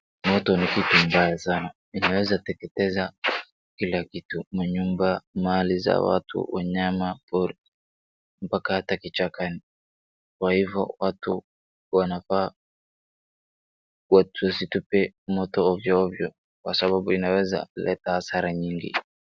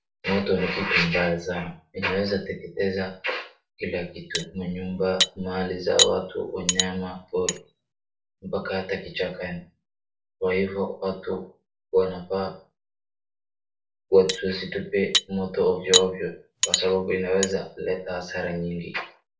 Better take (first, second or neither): first